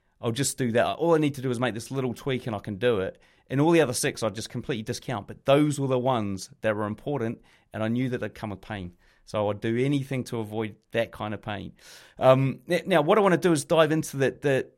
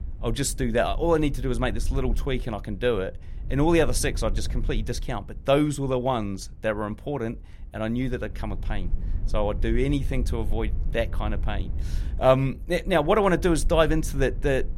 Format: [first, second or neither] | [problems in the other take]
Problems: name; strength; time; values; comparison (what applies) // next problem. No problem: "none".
first | low rumble; faint; throughout; 25 dB below the speech